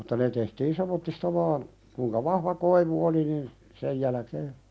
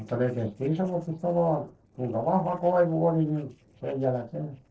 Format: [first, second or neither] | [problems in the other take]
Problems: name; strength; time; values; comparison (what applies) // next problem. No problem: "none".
first | noise reduction (neural separator model SepFormer DNS4)